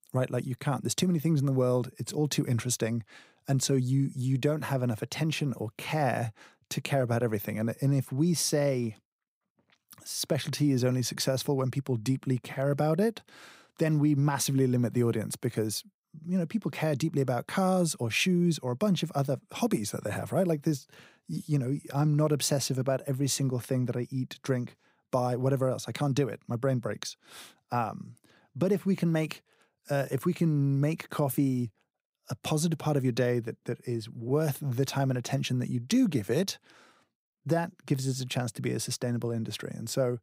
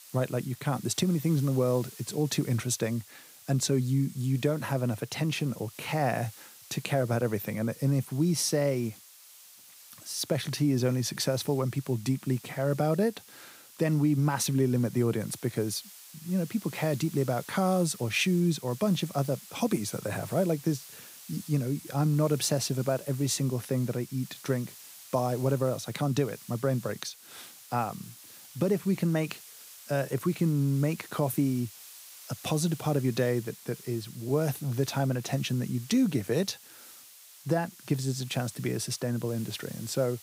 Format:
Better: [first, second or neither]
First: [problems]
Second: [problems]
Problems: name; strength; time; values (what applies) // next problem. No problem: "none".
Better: first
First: none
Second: hiss; noticeable; throughout; 20 dB below the speech